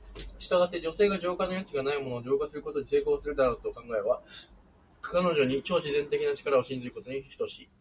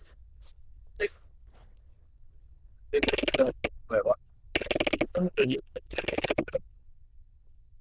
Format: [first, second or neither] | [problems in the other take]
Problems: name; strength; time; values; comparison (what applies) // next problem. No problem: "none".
first | noise reduction (neural diffusion model UNIVERSE++)